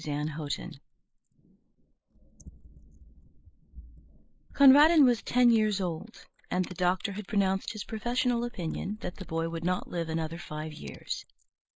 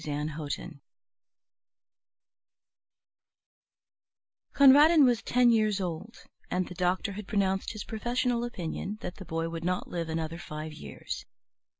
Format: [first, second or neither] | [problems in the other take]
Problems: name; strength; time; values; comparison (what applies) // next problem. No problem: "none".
second | noise reduction (neural mask model Resemble Enhance denoiser)